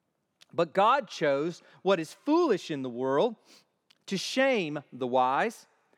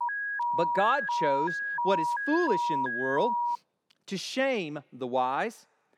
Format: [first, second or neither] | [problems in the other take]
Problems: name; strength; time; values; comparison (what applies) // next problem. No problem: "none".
first | alarm; loud; until 3.5 s; peak 2 dB above the speech